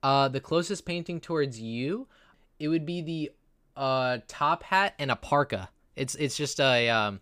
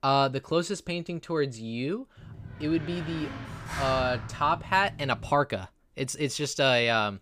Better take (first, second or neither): first